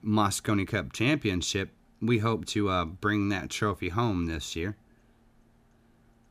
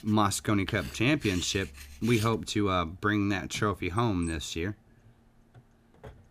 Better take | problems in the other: first | household noises; noticeable; throughout; 15 dB below the speech

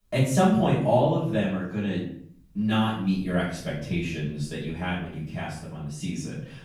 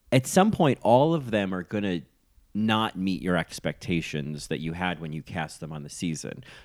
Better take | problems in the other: second | off-mic speech; far // room echo; noticeable; dies away in 0.6 s

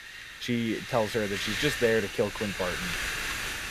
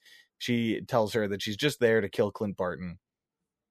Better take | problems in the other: second | wind noise on the microphone; heavy; 2 dB below the speech

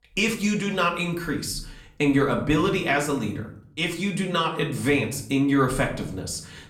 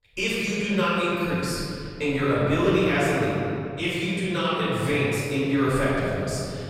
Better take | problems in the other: first | room echo; strong; dies away in 2.4 s; slight in the first // off-mic speech; far; far in the first

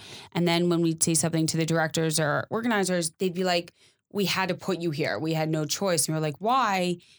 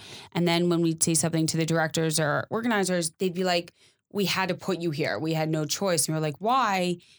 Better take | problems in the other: neither | none

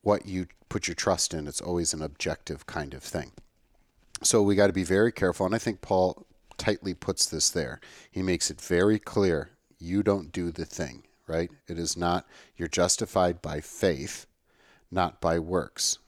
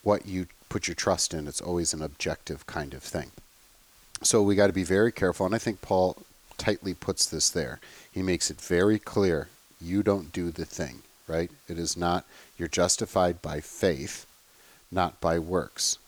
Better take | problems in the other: first | hiss; faint; throughout; 25 dB below the speech

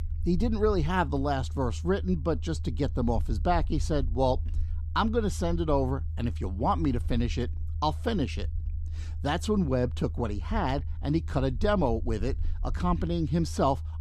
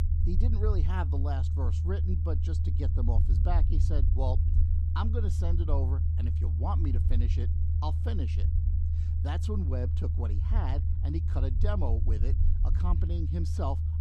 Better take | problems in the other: first | low rumble; loud; throughout; 5 dB below the speech; faint in the first

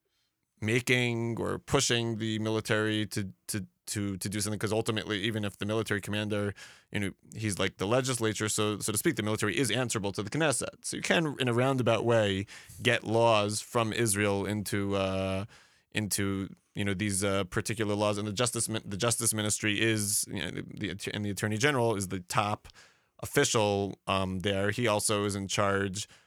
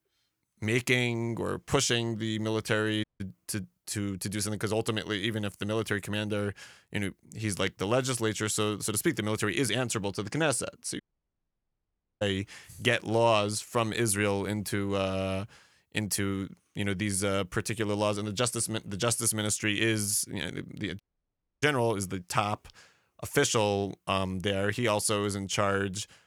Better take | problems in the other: first | audio cutting out; at 3 s, at 11 s for 1 s and at 21 s for 0.5 s

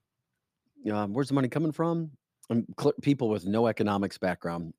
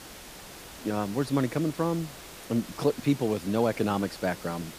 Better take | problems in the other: first | hiss; noticeable; throughout; 15 dB below the speech

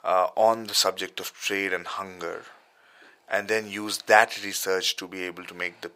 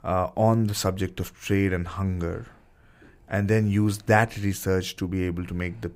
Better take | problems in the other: second | thin; very; fading below 650 Hz

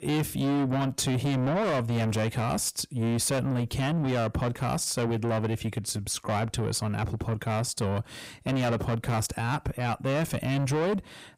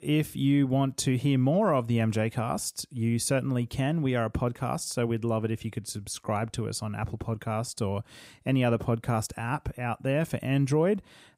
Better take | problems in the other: second | distortion; heavy; 7 dB below the speech

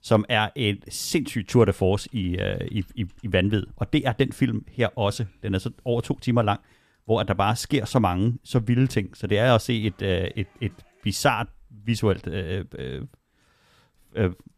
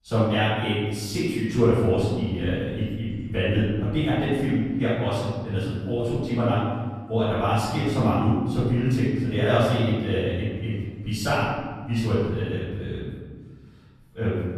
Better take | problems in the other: first | off-mic speech; far // room echo; strong; dies away in 1.6 s

